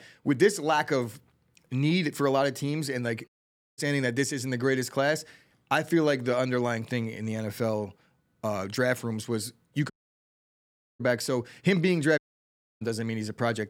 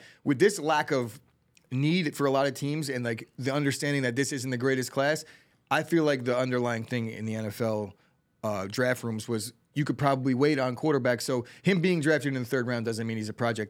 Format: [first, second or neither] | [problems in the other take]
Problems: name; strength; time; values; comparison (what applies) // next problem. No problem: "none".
second | audio cutting out; at 3.5 s for 0.5 s, at 10 s for 1 s and at 12 s for 0.5 s